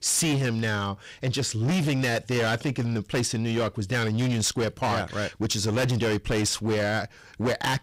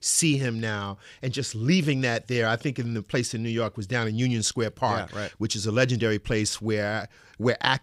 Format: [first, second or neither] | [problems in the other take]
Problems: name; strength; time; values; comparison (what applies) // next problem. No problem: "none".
second | distortion; heavy; 20% of the sound clipped